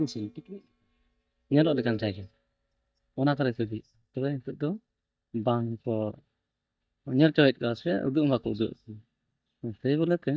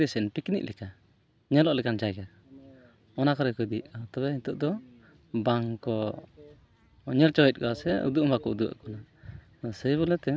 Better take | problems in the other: second | noise reduction (neural mask model DeepFilterNet 3)

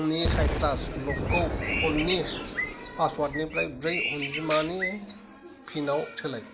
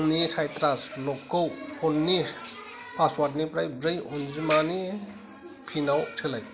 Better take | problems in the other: second | background sound (Bird + Explosion); 2 dB below the speech

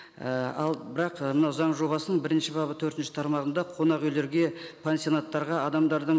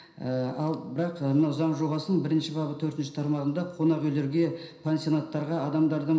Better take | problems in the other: first | room echo; dies away in 0.5 s

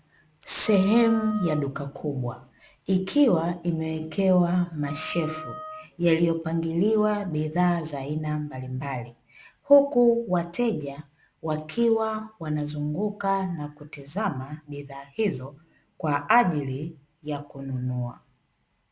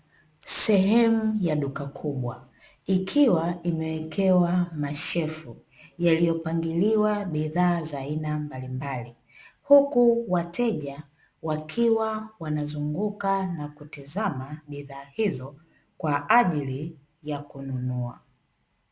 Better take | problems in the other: second | background sound (Wind instrument, woodwind instrument); 14 dB below the speech

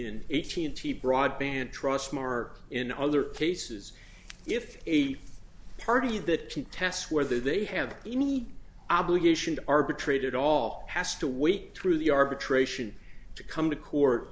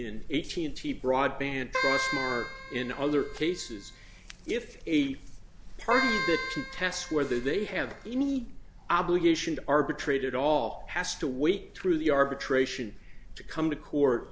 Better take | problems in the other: first | background sound (Keyboard (musical)); 5 dB below the speech

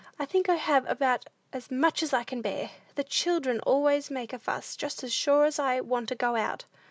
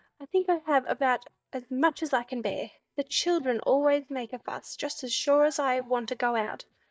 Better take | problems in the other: first | noise reduction (neural mask model DeepFilterNet 3)

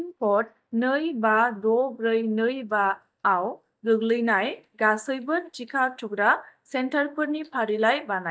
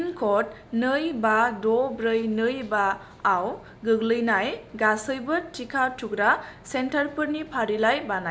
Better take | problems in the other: second | noise reduction (neural mask model DeepFilterNet 3)

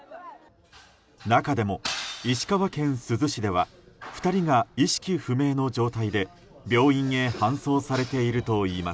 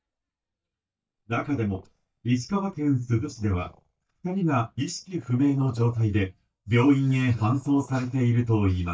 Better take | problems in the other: first | noise reduction (neural mask model DeepFilterNet 3)

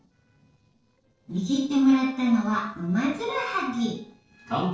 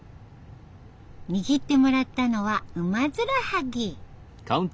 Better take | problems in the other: second | noise reduction (neural separator model SepFormer DNS4)

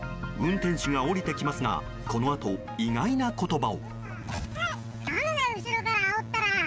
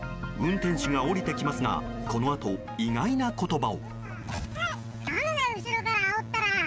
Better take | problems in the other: first | background sound (Dog); 9 dB below the speech

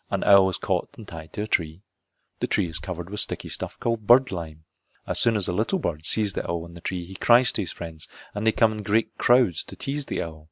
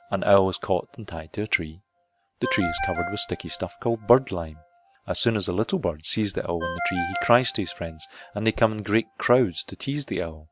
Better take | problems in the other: first | background sound (Ringtone); 12 dB below the speech

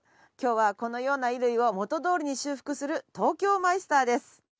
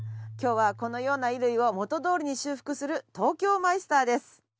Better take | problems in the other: first | background sound (Keyboard (musical)); 19 dB below the speech

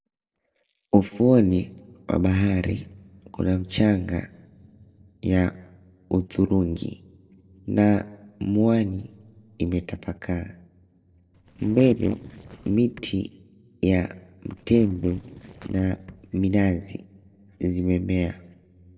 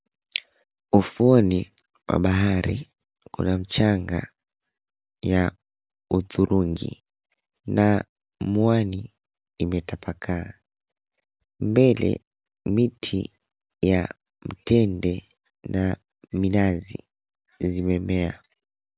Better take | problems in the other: second | noise reduction (neural separator model SepFormer DNS4)

